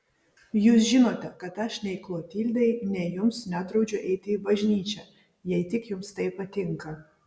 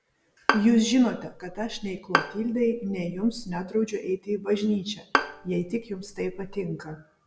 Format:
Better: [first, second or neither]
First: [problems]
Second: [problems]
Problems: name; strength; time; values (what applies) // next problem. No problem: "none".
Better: first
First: none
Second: background sound (Bowed string instrument); 5 dB below the speech